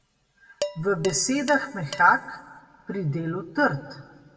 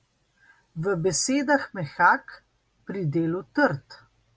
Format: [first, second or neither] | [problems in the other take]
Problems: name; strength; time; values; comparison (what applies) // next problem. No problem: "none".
second | background sound (Dishes, pots, and pans); 14 dB below the speech // room echo; dies away in 1.1 s